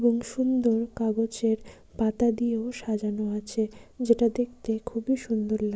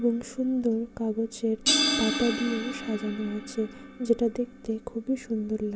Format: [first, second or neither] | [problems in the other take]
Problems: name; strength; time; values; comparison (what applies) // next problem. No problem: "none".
first | background sound (Crash cymbal); 4 dB below the speech